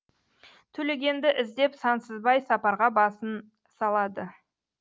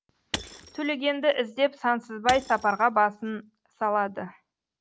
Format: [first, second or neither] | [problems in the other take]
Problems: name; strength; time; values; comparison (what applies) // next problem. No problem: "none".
first | background sound (Shatter / Crushing); 14 dB below the speech